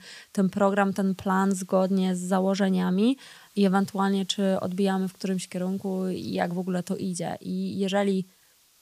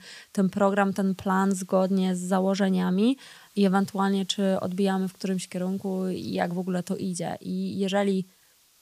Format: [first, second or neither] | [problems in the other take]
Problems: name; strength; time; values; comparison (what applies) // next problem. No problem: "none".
neither | hiss; faint; throughout; 30 dB below the speech; the same in both